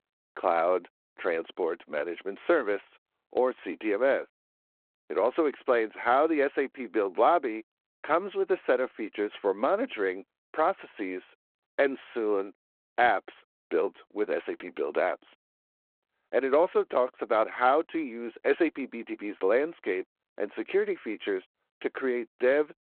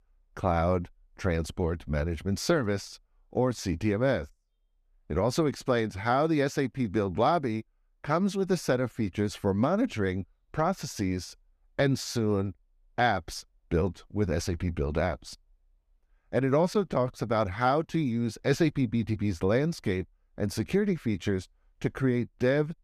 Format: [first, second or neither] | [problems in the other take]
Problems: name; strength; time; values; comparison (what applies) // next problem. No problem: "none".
second | phone-call audio; nothing above 3.5 kHz